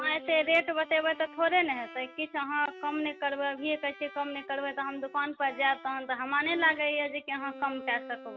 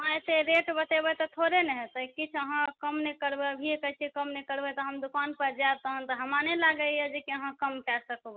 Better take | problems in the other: second | background sound (Bowed string instrument); 17 dB below the speech

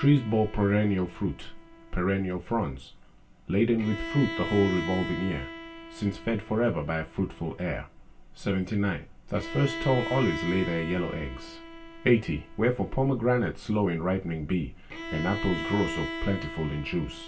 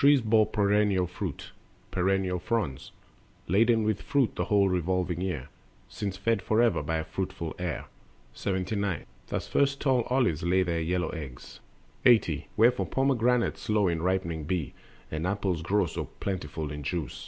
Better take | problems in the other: second | background sound (Bowed string instrument); 11 dB below the speech // room echo; dies away in 0.2 s

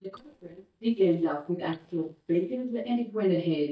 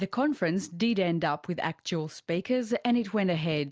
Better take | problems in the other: second | noise reduction (neural mask model DeepFilterNet 3)

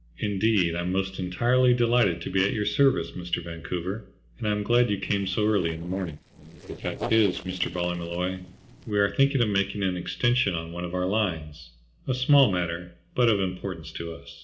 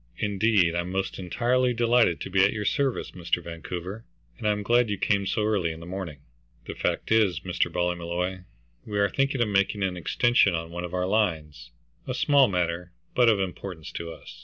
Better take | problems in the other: second | noise reduction (neural separator model SepFormer DNS4)

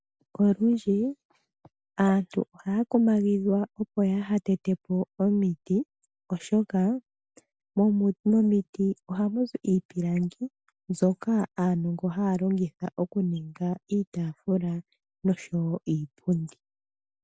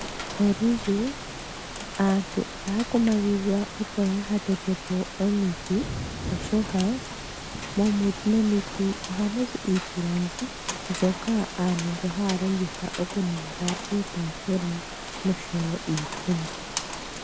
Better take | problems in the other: first | background sound (Rain); 8 dB below the speech

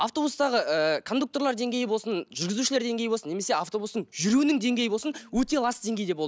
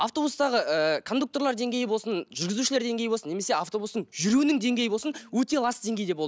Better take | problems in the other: second | background sound (Whoosh, swoosh, swish); 18 dB below the speech

